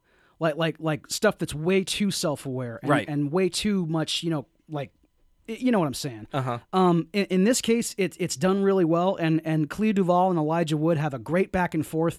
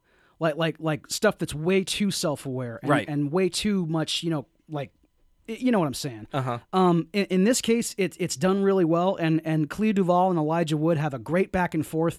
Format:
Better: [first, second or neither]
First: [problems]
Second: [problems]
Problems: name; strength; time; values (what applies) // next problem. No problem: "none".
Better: neither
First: none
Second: none